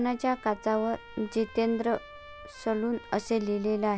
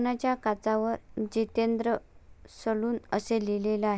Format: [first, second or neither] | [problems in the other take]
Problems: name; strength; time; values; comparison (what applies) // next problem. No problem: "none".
second | background sound (Trumpet); 20 dB below the speech